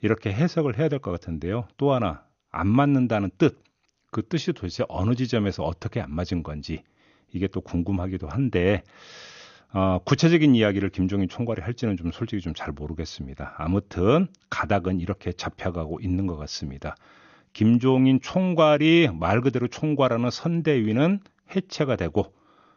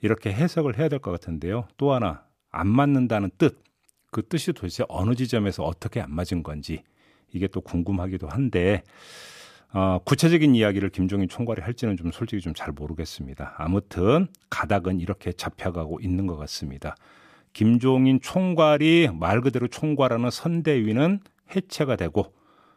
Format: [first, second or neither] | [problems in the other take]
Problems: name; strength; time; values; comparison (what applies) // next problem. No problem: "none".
second | garbled, watery; slightly; nothing above 6.5 kHz